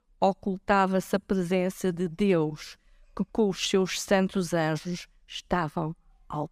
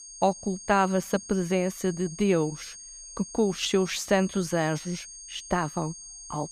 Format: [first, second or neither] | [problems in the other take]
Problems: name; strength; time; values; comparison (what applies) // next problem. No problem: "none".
first | high-pitched whine; noticeable; throughout; 6.5 kHz, 15 dB below the speech